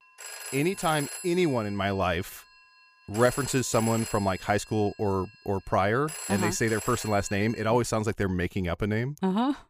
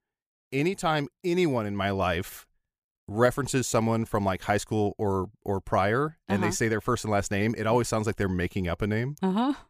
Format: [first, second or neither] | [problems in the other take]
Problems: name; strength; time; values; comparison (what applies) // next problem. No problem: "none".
second | phone ringing; noticeable; until 7.5 s; peak 7 dB below the speech